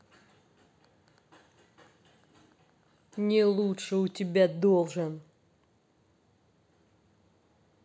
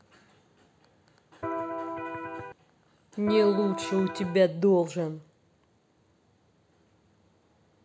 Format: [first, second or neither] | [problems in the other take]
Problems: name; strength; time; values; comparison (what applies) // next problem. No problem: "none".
first | background sound (Electric guitar); 4 dB below the speech